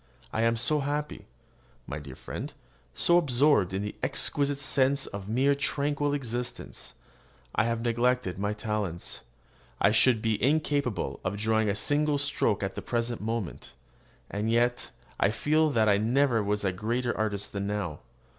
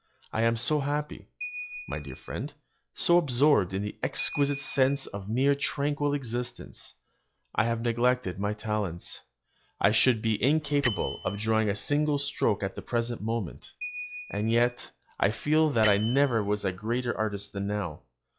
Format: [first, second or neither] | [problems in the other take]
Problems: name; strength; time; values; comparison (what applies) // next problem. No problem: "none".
first | noise reduction (classical method log-MMSE)